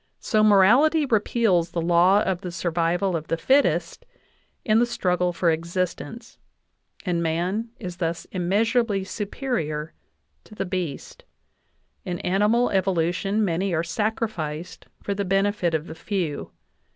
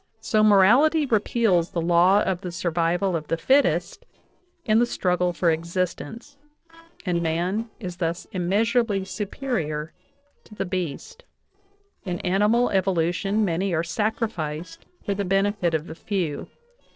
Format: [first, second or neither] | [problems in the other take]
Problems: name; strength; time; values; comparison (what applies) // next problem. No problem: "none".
first | noise reduction (neural separator model SepFormer DNS4)